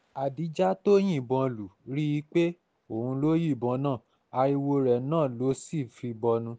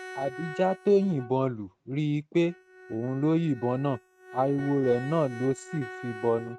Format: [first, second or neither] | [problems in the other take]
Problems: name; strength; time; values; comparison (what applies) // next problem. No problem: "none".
first | noise reduction (neural mask model RNNoise)